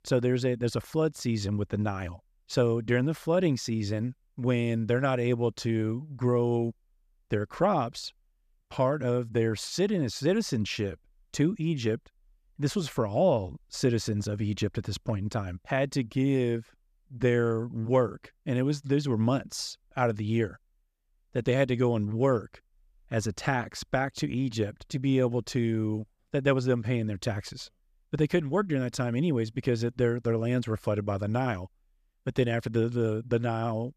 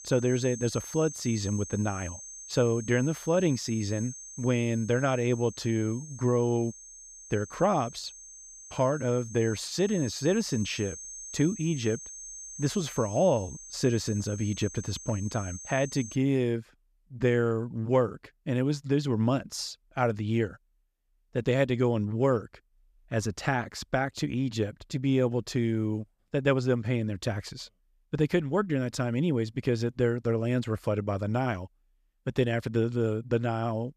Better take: first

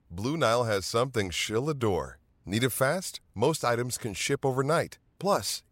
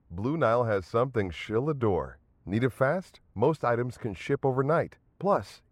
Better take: first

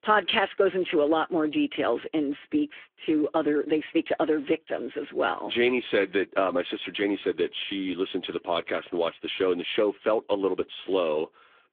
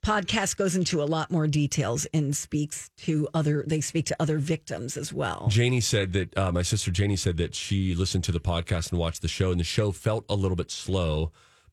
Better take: second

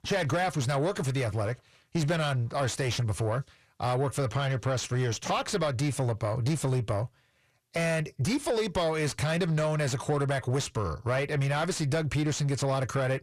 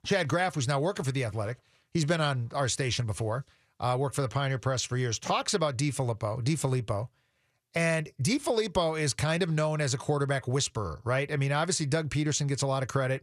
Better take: second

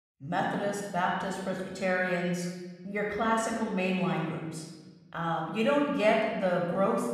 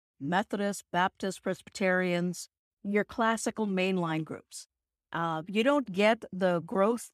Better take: second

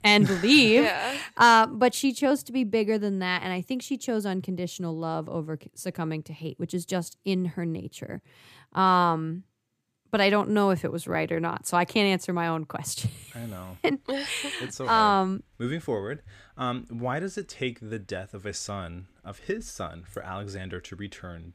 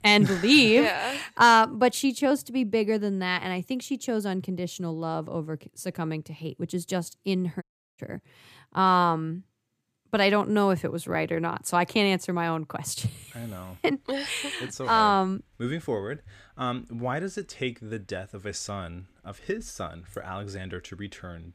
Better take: first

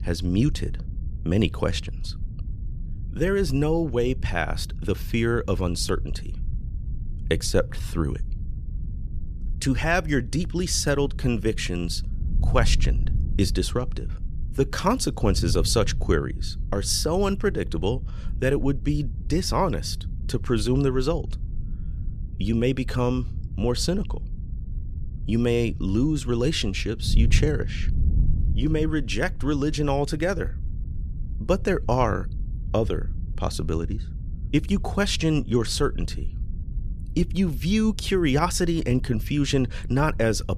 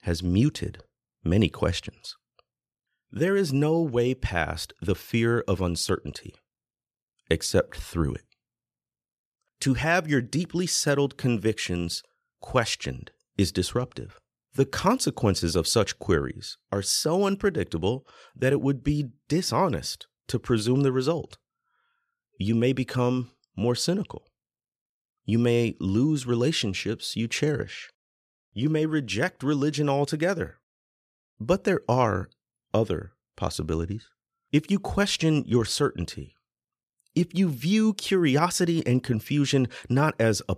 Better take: second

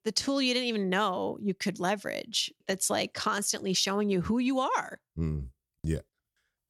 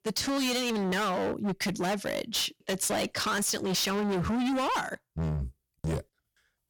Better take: first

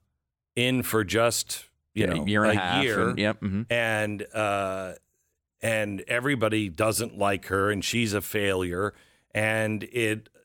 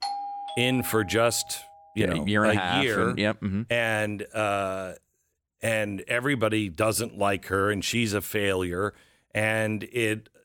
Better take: first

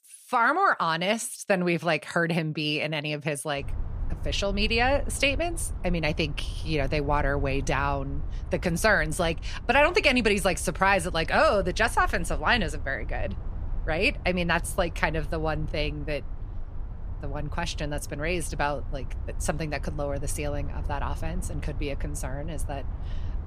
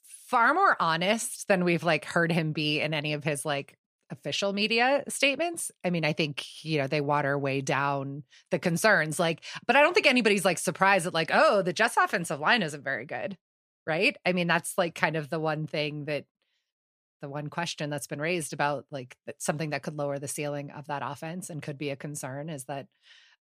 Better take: second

